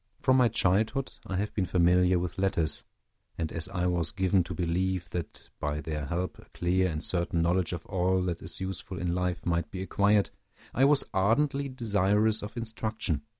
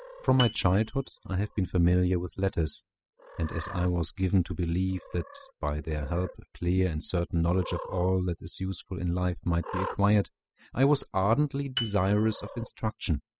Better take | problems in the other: first | noise reduction (classical method spectral subtraction)

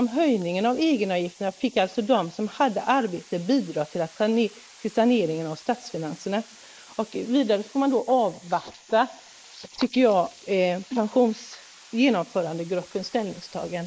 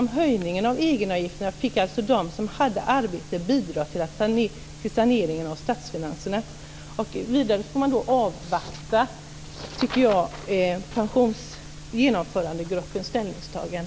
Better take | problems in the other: second | noise reduction (neural mask model Resemble Enhance denoiser)

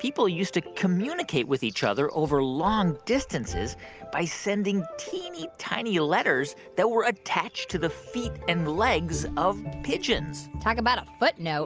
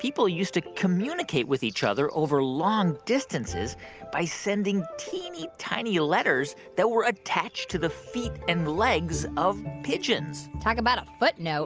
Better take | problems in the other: second | background sound (Walk, footsteps); 16 dB below the speech

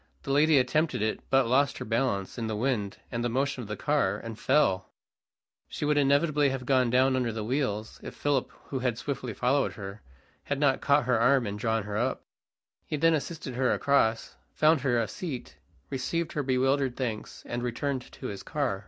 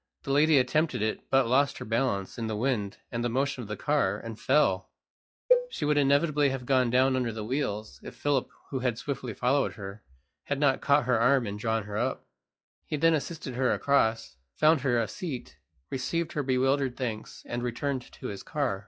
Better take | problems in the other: first | noise reduction (classical method log-MMSE)

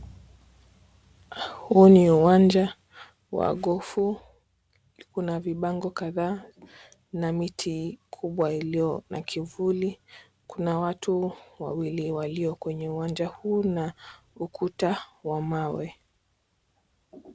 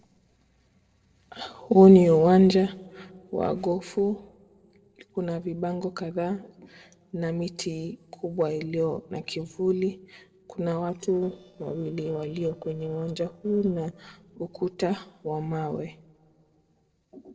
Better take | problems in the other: first | noise reduction (neural separator model SepFormer DNS4)

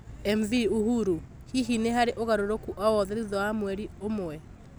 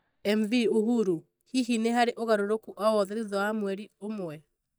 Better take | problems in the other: first | noise reduction (neural mask model DeepFilterNet 3)

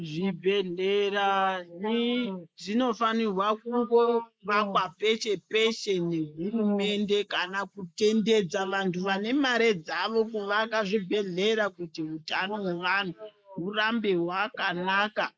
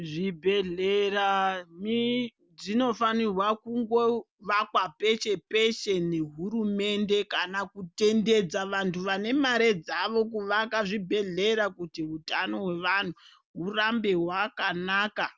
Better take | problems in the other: second | noise reduction (neural mask model Resemble Enhance denoiser)

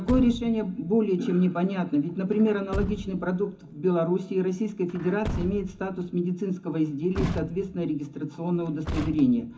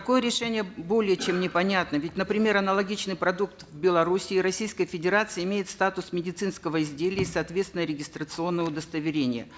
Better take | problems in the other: second | background sound (Truck); 11 dB below the speech // room echo; dies away in 0.3 s

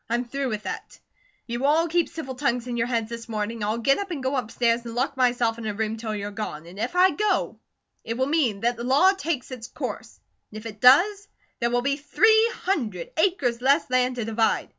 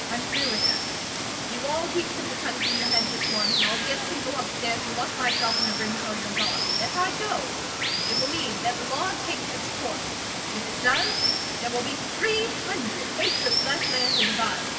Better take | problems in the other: first | background sound (Water); 4 dB above the speech // room echo; dies away in 2.5 s

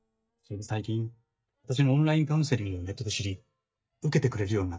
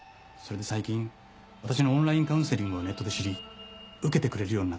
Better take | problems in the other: second | noise reduction (neural mask model DeepFilterNet 3)

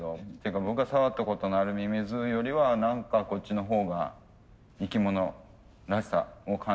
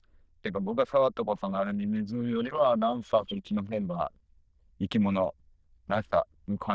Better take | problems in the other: first | noise reduction (neural diffusion model UNIVERSE++)

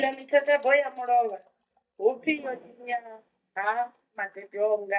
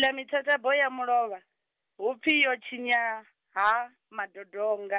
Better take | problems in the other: second | noise reduction (neural mask model DeepFilterNet 3)

